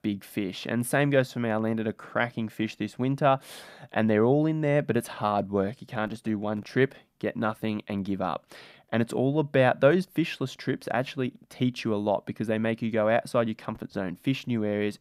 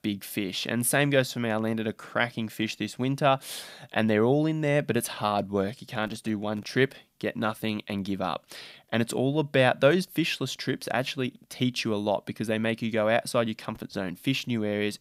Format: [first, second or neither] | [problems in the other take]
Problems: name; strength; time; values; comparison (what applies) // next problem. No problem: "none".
second | muffled; slightly; fading above 2.5 kHz